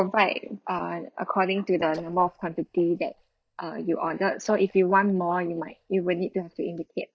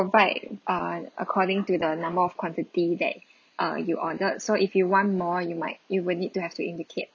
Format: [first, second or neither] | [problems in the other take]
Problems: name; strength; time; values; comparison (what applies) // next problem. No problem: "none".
second | noise reduction (neural mask model DeepFilterNet 3)